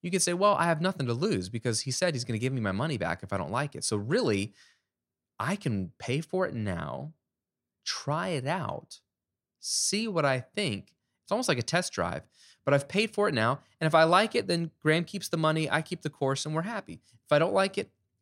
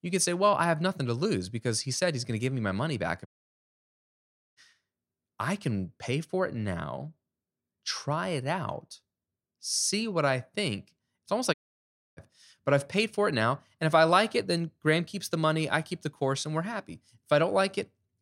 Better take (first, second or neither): first